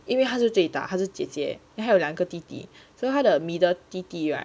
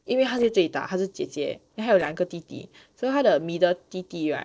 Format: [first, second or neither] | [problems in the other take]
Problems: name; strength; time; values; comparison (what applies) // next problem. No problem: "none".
first | noise reduction (neural separator model SepFormer DNS4)